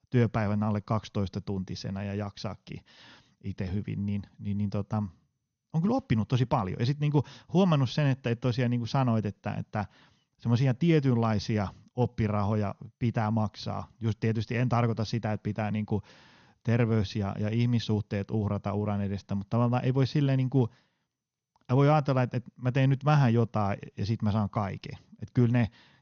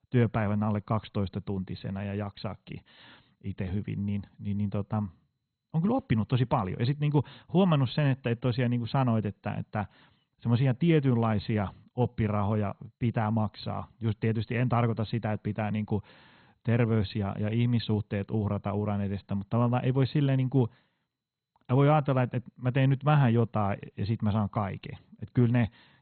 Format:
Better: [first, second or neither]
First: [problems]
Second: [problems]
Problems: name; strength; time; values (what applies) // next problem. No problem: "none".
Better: first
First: garbled, watery; slightly; nothing above 6 kHz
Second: garbled, watery; badly; nothing above 4 kHz